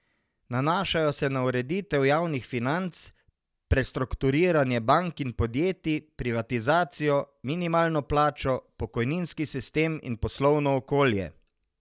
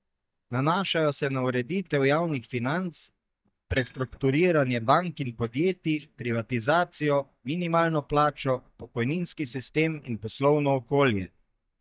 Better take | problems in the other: first | noise reduction (neural mask model DeepFilterNet 3)

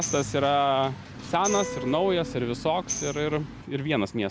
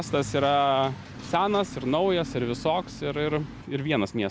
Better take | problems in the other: second | background sound (Wind instrument, woodwind instrument + Tambourine); 11 dB below the speech

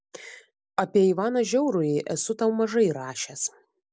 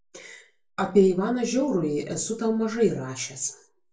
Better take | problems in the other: first | room echo; dies away in 0.3 s

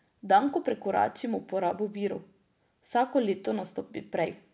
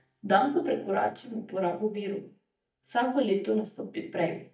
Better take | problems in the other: first | noise reduction (neural mask model DeepFilterNet 3)

